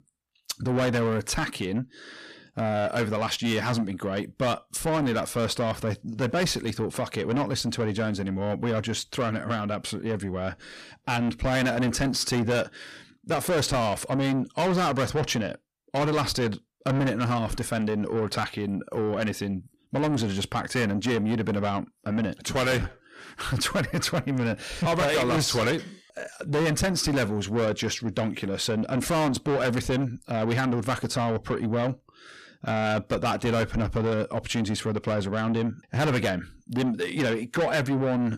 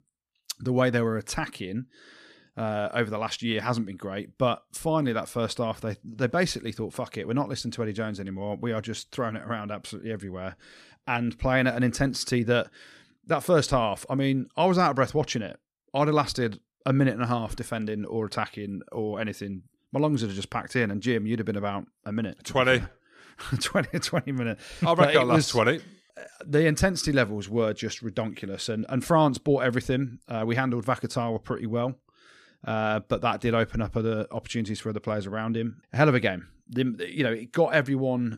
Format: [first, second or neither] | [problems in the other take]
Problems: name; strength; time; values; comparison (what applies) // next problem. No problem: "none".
second | distortion; heavy; 6 dB below the speech